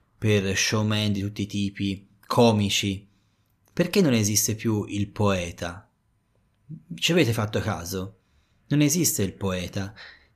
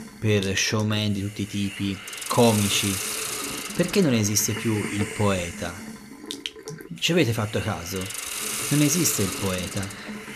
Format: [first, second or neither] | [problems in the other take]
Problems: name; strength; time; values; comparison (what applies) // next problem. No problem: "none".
first | hiss; loud; throughout; 6 dB below the speech